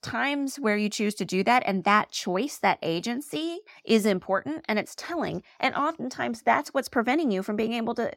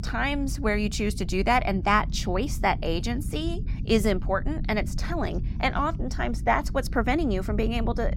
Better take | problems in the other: first | low rumble; noticeable; throughout; 20 dB below the speech

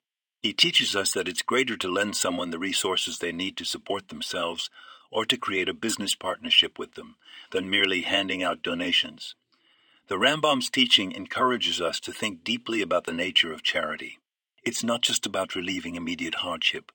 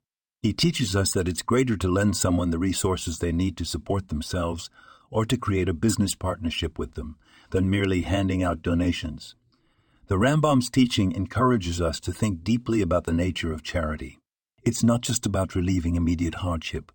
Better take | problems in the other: second | thin; somewhat; fading below 350 Hz

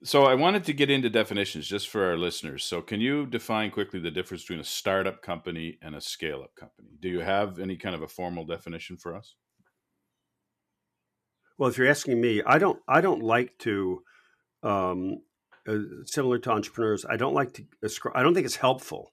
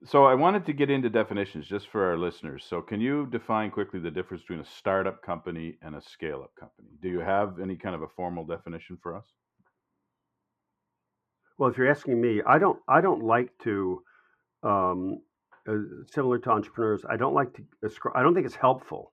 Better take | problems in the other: first | muffled; very; fading above 3 kHz

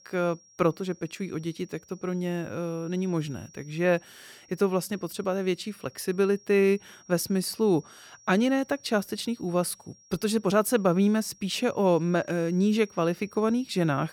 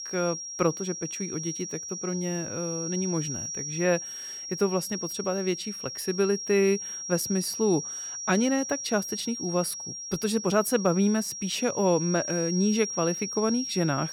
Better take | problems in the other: first | high-pitched whine; loud; throughout; 5.5 kHz, 5 dB below the speech; faint in the first

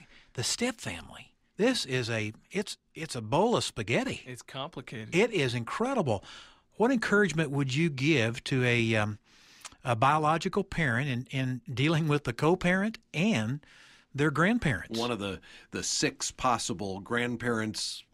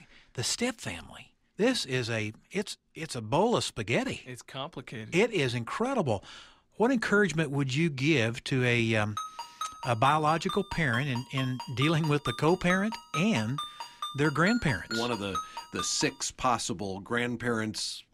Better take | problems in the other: first | phone ringing; noticeable; from 9 to 16 s; peak 8 dB below the speech

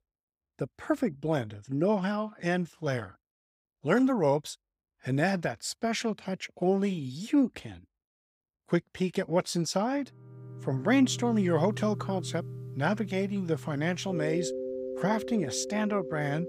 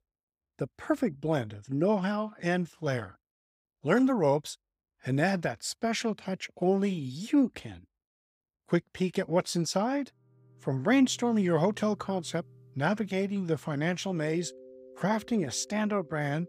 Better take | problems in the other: second | background music; loud; from 11 s on; 9 dB below the speech; faint in the second

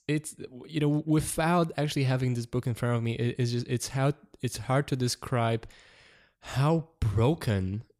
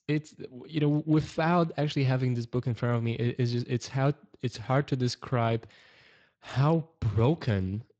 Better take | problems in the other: first | garbled, watery; slightly; nothing above 7.5 kHz

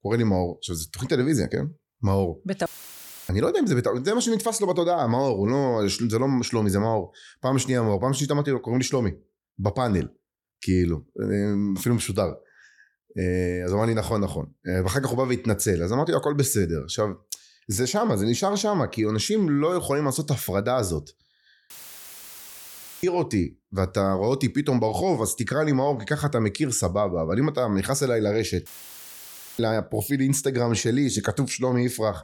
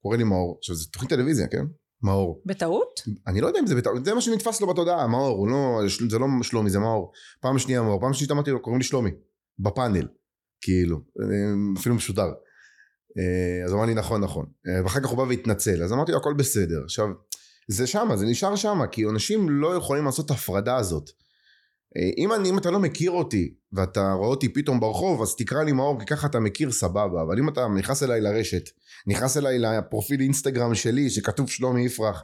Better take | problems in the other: second | audio cutting out; filled with static; at 2.5 s for 0.5 s, at 22 s for 1.5 s and at 29 s for 1 s

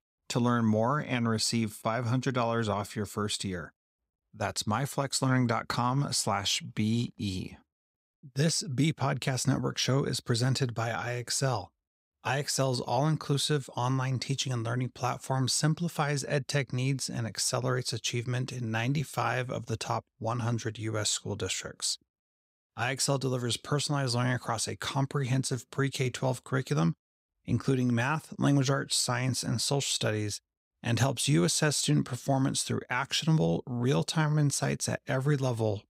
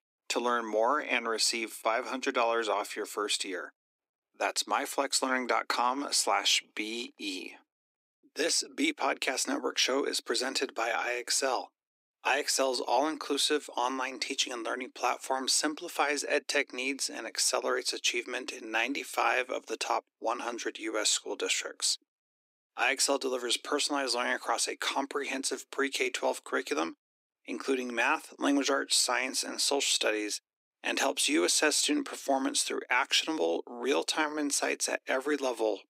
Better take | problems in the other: first | thin; somewhat; fading below 300 Hz

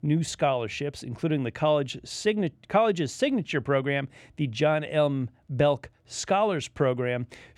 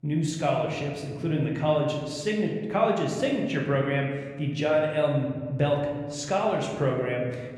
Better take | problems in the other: first | room echo; noticeable; dies away in 1.2 s // off-mic speech; somewhat distant

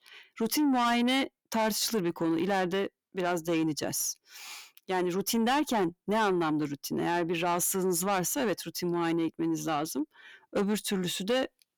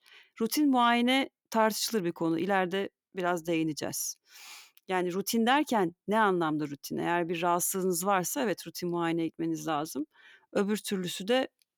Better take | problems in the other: second | distortion; slight; 10 dB below the speech

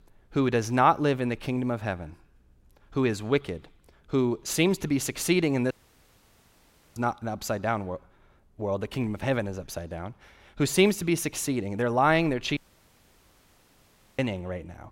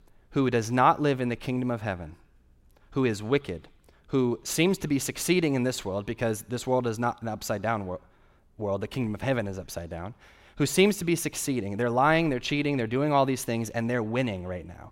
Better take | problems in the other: second | audio cutting out; at 5.5 s for 1.5 s and at 13 s for 1.5 s

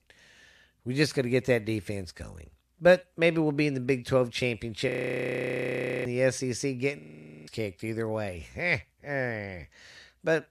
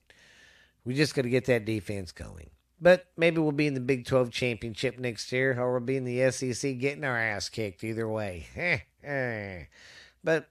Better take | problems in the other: second | audio freezing; at 5 s for 1 s and at 7 s

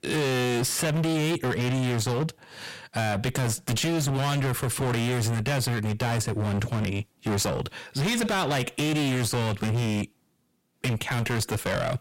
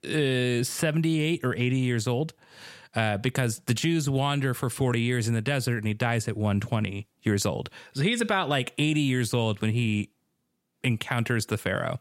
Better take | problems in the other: second | distortion; heavy; 33% of the sound clipped

